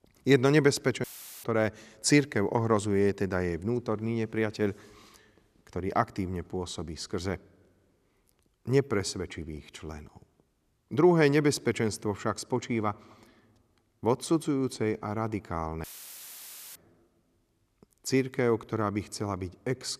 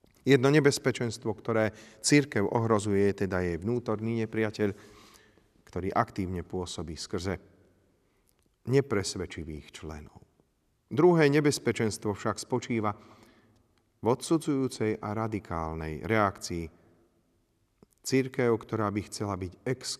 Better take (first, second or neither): second